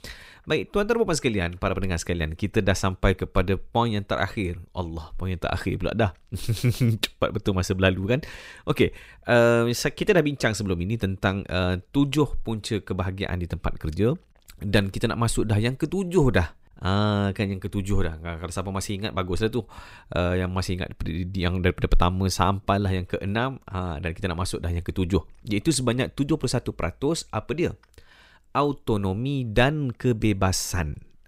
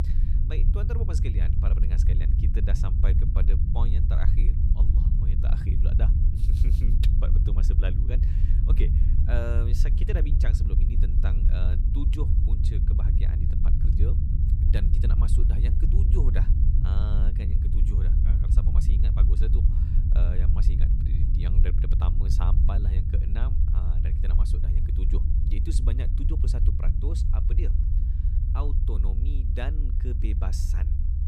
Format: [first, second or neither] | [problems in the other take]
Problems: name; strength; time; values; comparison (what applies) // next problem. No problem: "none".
first | low rumble; loud; throughout; as loud as the speech